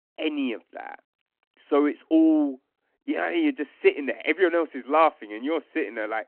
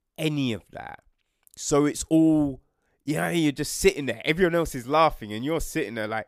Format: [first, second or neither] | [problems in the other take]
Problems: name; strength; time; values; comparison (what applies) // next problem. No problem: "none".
second | phone-call audio